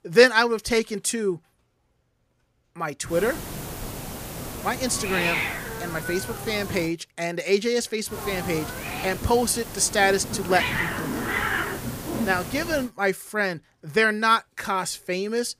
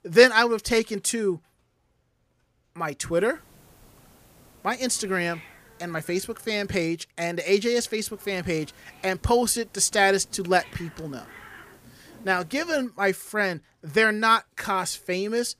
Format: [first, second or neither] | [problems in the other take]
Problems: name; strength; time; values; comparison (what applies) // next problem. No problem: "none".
second | hiss; loud; from 3 to 7 s and from 8 to 13 s; 6 dB below the speech; faint in the second